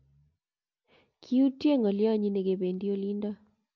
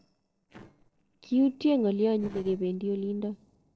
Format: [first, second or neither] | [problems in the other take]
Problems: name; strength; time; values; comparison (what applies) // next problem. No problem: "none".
first | noise reduction (neural separator model SepFormer DNS4)